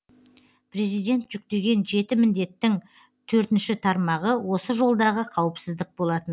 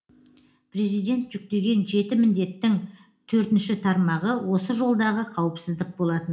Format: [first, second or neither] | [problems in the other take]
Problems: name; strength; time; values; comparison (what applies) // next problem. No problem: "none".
first | room echo; dies away in 0.4 s